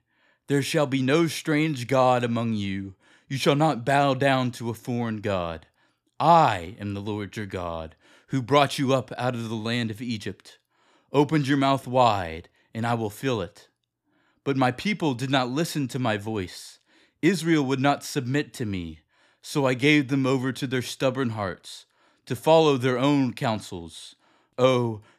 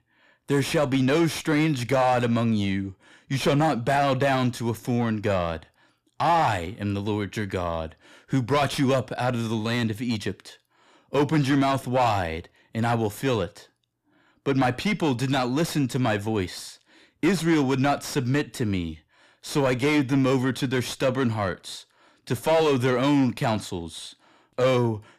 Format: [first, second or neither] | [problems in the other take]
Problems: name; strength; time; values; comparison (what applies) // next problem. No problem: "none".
first | distortion; heavy; 7 dB below the speech